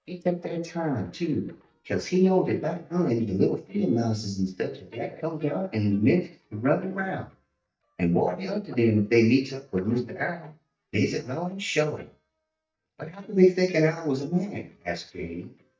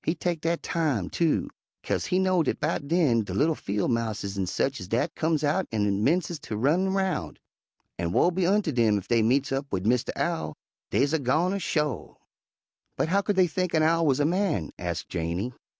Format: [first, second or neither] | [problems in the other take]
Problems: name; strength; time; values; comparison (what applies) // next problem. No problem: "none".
second | noise reduction (neural mask model DeepFilterNet 3)